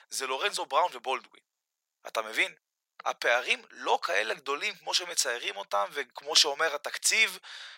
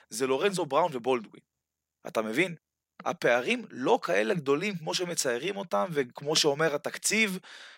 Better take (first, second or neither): second